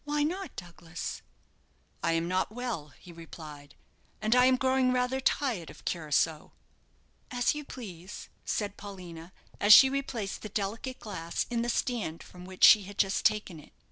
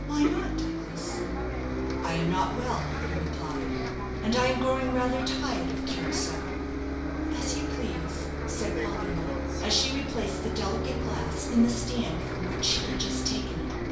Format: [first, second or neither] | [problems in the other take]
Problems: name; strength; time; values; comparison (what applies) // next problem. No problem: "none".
first | background sound (Bus); 1 dB above the speech // room echo; dies away in 0.6 s